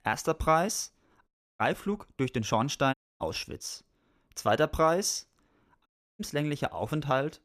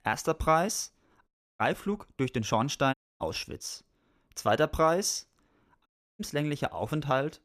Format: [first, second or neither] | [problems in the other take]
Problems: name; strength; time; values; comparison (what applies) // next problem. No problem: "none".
neither | audio cutting out; at 1.5 s, at 3 s and at 6 s; the same in both